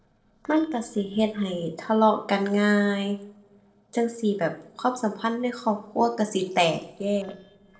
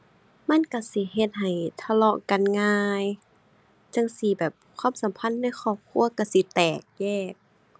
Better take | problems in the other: second | noise reduction (neural separator model SepFormer DNS4)

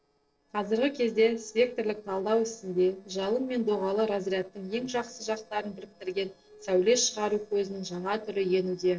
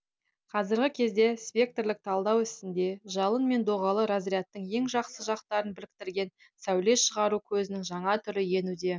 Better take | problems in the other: second | noise reduction (neural separator model SepFormer DNS4)

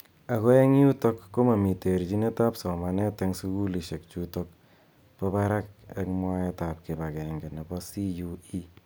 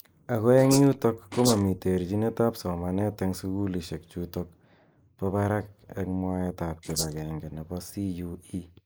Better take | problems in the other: first | noise reduction (neural mask model Resemble Enhance denoiser)

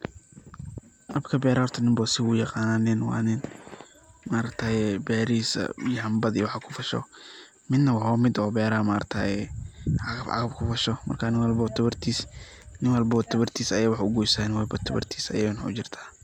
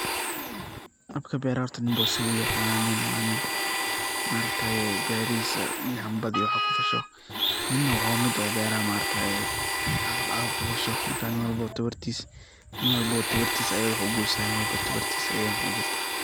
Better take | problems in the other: first | background sound (Wind instrument, woodwind instrument + Domestic sounds, home sounds); 1 dB above the speech

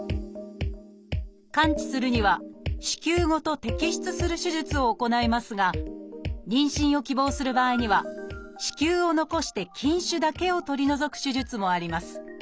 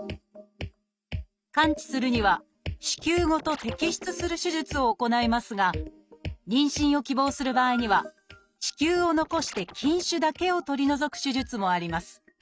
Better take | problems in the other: first | noise reduction (neural mask model RNNoise)

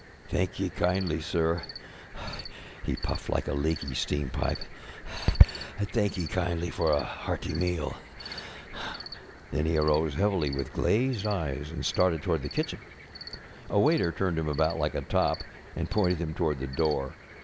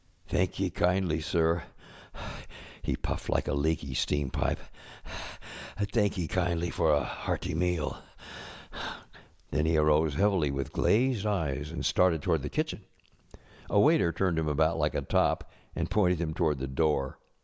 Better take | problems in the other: second | background sound (Cricket); 6 dB below the speech

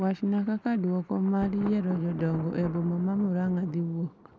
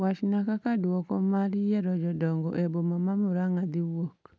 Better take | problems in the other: second | background sound (Thunder); 16 dB below the speech

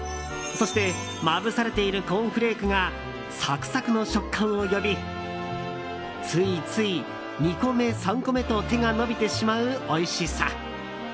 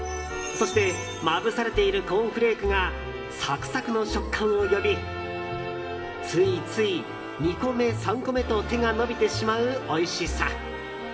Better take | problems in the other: first | room echo; dies away in 1.2 s

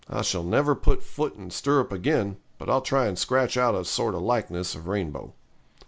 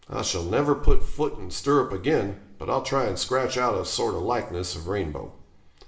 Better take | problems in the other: first | room echo; dies away in 0.6 s

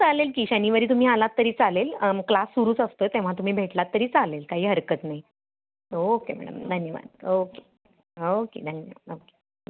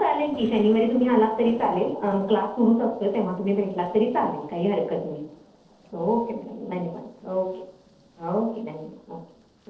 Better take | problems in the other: first | noise reduction (neural separator model SepFormer DNS4)

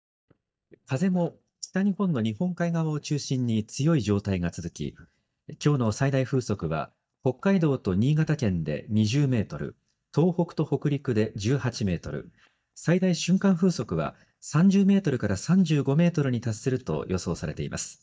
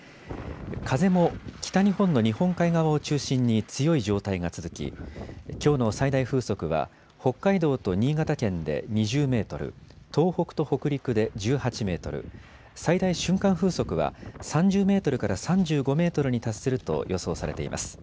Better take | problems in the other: second | noise reduction (neural mask model DeepFilterNet 3)

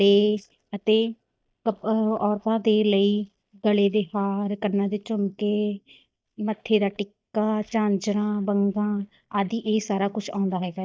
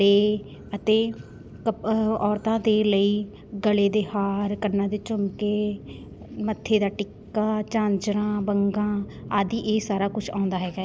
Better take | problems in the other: second | noise reduction (neural mask model DeepFilterNet 3)

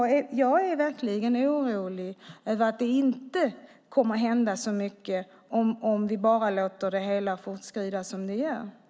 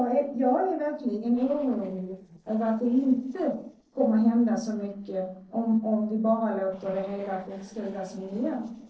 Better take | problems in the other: first | noise reduction (neural separator model SepFormer DNS4)

